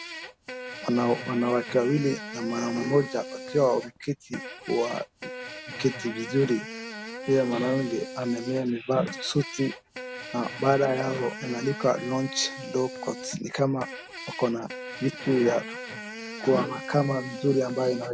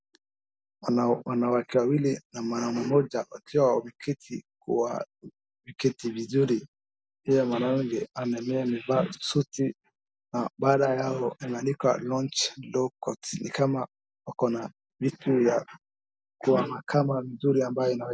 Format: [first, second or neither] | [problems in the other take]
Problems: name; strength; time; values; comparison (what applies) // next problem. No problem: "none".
second | background sound (Fart); 11 dB below the speech